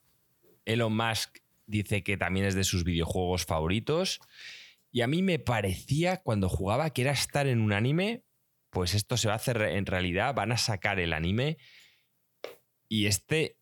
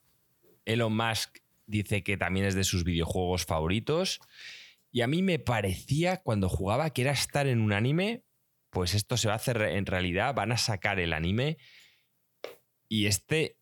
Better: neither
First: none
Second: none

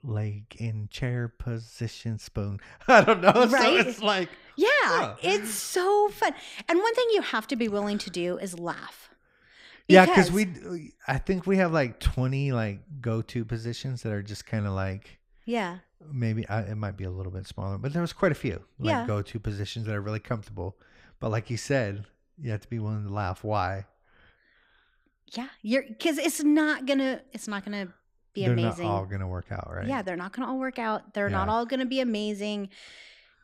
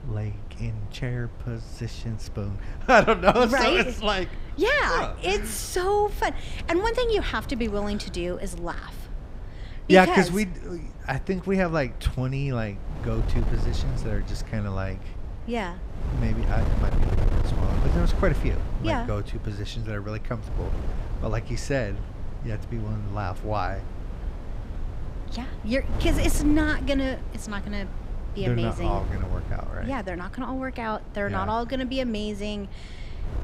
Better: first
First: none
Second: wind noise on the microphone; occasional gusts; 15 dB below the speech

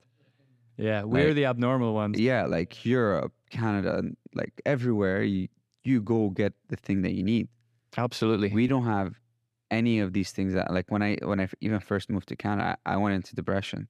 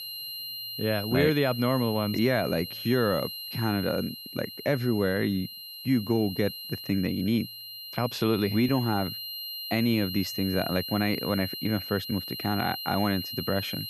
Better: first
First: none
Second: high-pitched whine; loud; throughout; 4 kHz, 7 dB below the speech

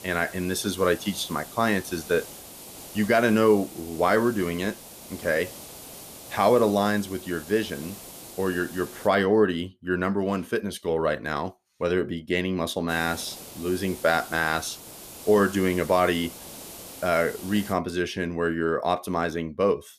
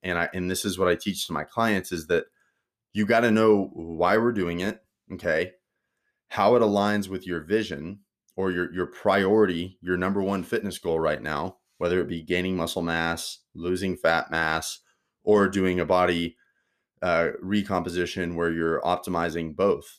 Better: second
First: hiss; noticeable; until 9 s and from 13 to 18 s; 15 dB below the speech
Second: none

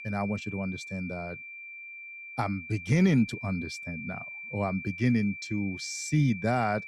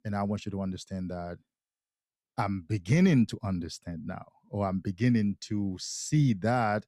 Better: second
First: high-pitched whine; noticeable; throughout; 2.5 kHz, 10 dB below the speech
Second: none

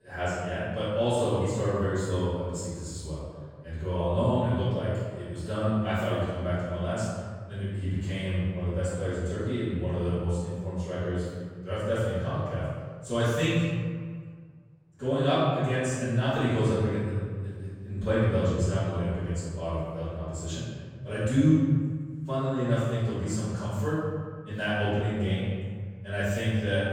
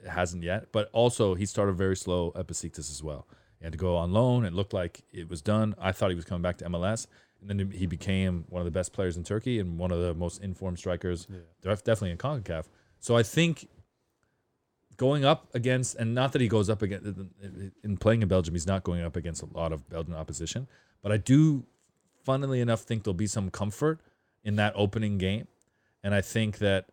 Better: second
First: off-mic speech; far // room echo; strong; dies away in 1.6 s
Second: none

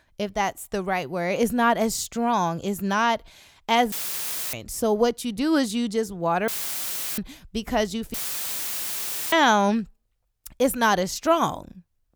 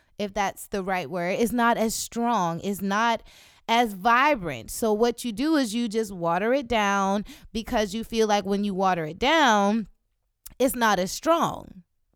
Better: second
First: audio cutting out; filled with static; at 4 s for 0.5 s, at 6.5 s for 0.5 s and at 8 s for 1 s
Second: none

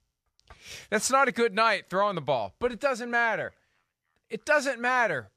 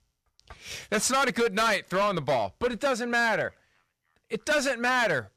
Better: first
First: none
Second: distortion; heavy; 12% of the sound clipped

